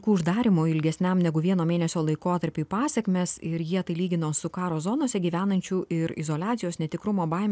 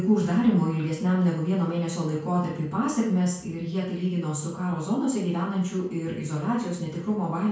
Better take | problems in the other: first | room echo; dies away in 0.5 s

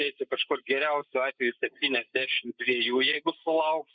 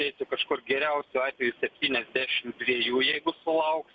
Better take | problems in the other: second | noise reduction (neural mask model Resemble Enhance denoiser)

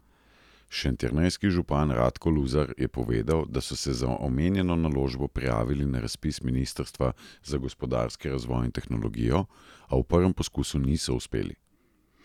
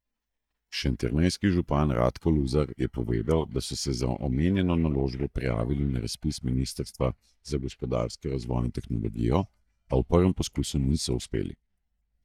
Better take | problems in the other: first | noise reduction (neural mask model DeepFilterNet 3)

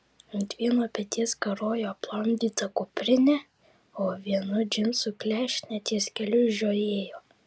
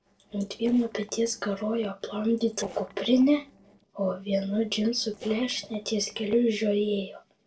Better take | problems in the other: first | noise reduction (neural separator model SepFormer DNS4)

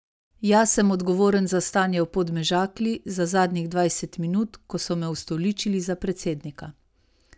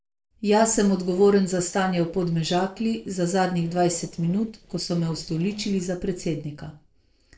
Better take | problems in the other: first | noise reduction (neural separator model SepFormer DNS4)

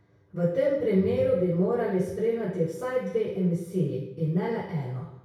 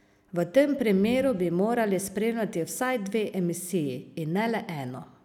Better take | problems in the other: second | room echo; dies away in 0.6 s

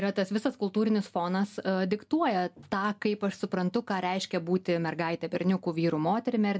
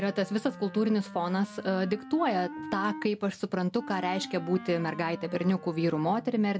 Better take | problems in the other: first | background sound (Wind instrument, woodwind instrument); 14 dB below the speech

